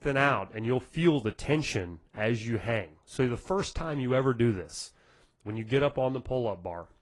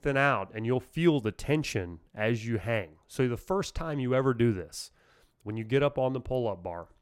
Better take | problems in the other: second | garbled, watery; slightly

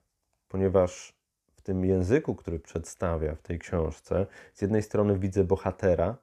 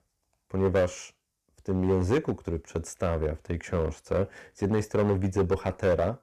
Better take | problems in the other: first | distortion; slight; 5% of the sound clipped

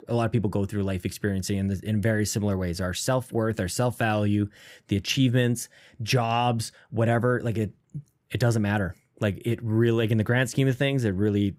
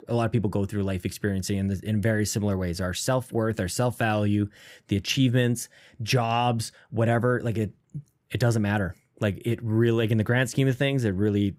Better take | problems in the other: neither | none

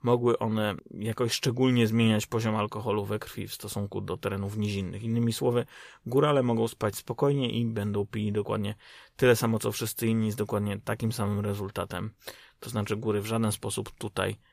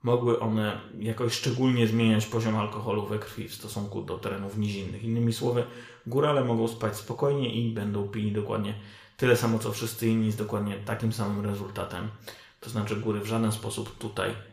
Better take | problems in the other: first | room echo; very slight; dies away in 0.6 s

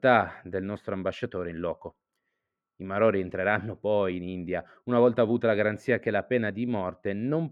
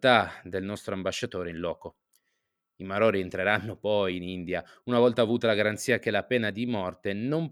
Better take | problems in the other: second | muffled; very; fading above 3.5 kHz

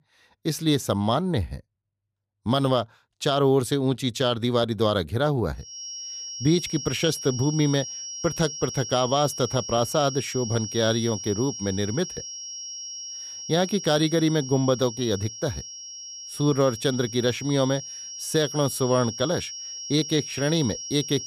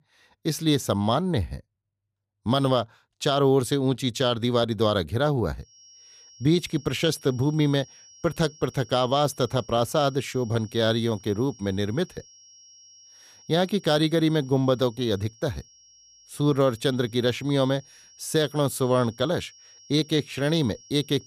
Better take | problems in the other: second | high-pitched whine; loud; from 5.5 s on; 5.5 kHz, 9 dB below the speech; faint in the second

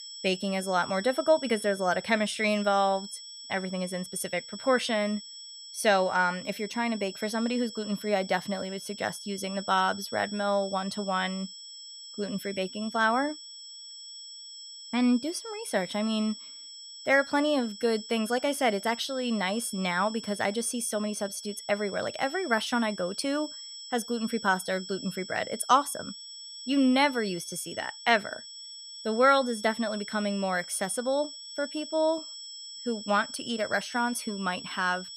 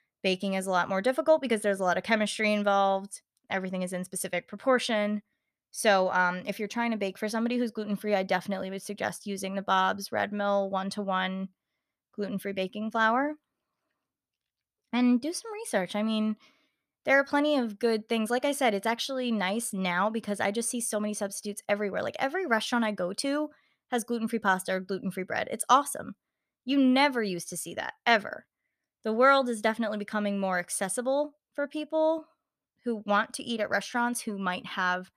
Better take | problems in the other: second | high-pitched whine; noticeable; throughout; 5.5 kHz, 10 dB below the speech

